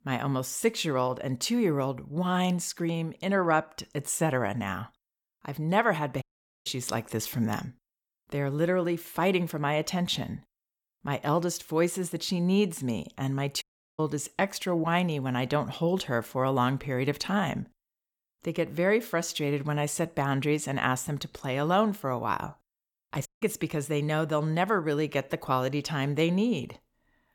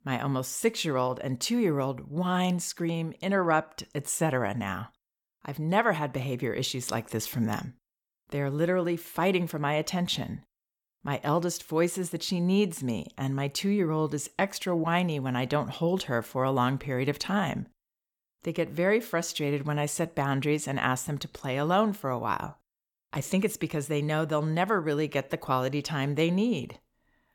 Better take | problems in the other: second | audio cutting out; at 6 s, at 14 s and at 23 s

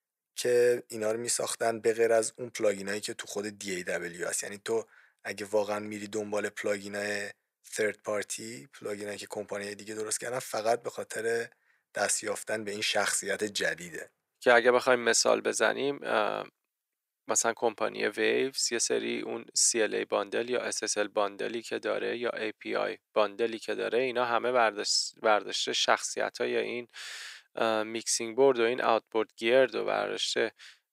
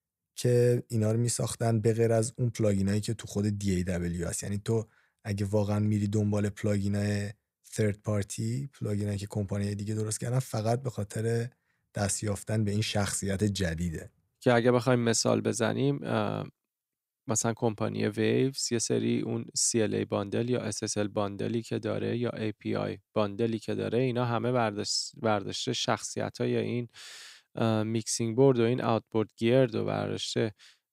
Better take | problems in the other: second | thin; very; fading below 500 Hz

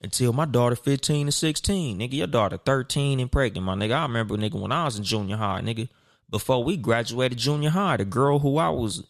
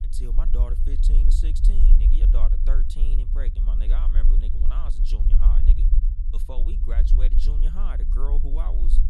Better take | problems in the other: first | low rumble; loud; throughout; 3 dB below the speech

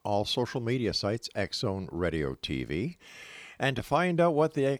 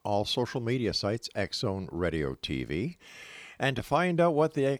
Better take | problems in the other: neither | none

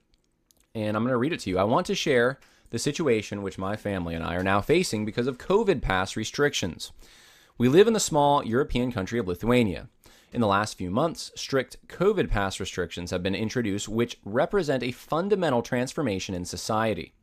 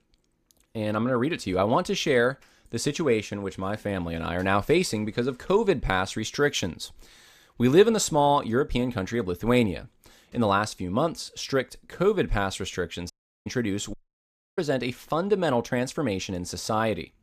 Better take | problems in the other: first | audio cutting out; at 13 s and at 14 s for 0.5 s

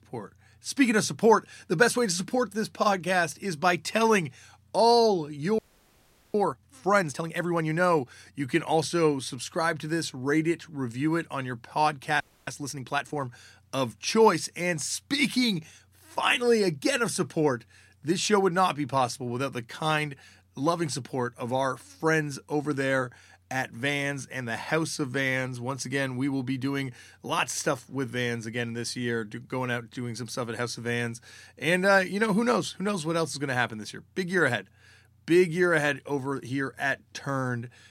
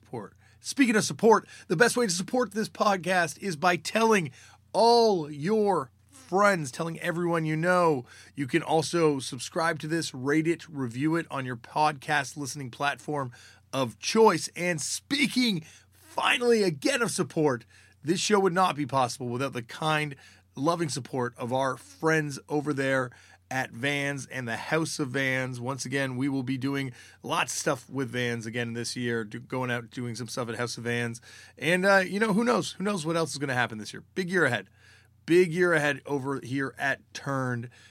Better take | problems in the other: second | audio freezing; at 5.5 s for 1 s and at 12 s

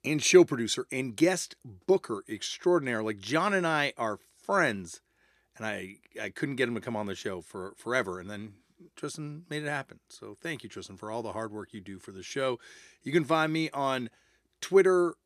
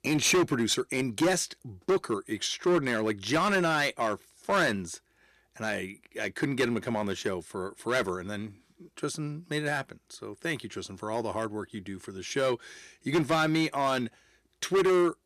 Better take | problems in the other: first | distortion; heavy; 6% of the sound clipped

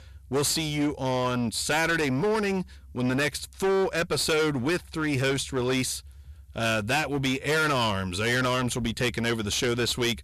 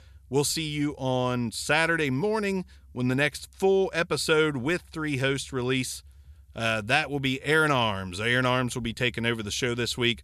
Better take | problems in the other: second | distortion; heavy; 19% of the sound clipped

